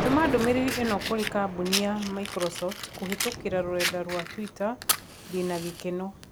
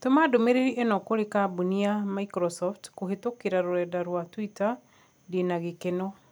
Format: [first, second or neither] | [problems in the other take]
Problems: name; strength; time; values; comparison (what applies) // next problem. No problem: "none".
second | background sound (Fire + Thunder); 4 dB below the speech